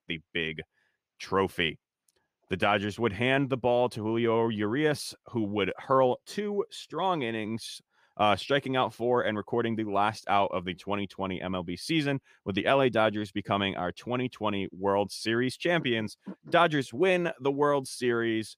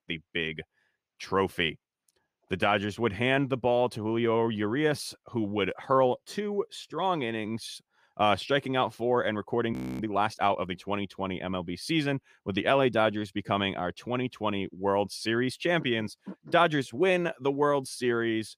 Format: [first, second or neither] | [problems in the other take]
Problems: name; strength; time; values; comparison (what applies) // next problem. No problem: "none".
first | audio freezing; at 9.5 s